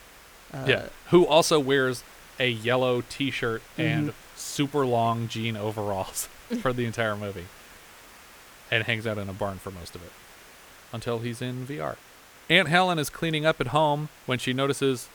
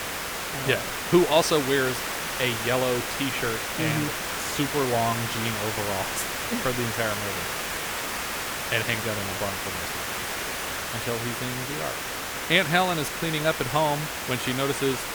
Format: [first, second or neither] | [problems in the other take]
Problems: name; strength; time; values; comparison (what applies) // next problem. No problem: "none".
first | hiss; loud; throughout; 2 dB below the speech; faint in the first